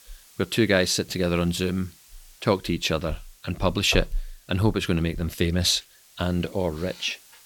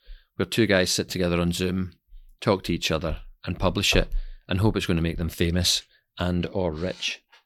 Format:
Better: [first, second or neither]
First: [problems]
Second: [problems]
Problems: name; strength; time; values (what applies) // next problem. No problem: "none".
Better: second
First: hiss; faint; throughout; 25 dB below the speech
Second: none